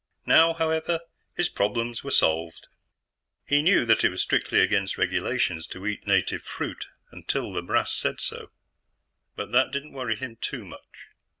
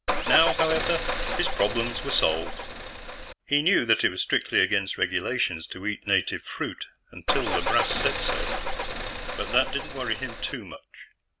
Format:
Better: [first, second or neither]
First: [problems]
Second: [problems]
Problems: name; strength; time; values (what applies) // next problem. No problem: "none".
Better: first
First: none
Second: background sound (Car); 1 dB below the speech